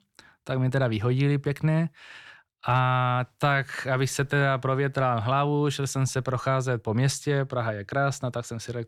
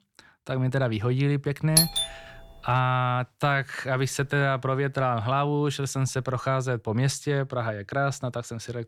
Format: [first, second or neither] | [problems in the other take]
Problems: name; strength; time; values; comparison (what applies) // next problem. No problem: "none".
first | doorbell; loud; at 2 s; peak 6 dB above the speech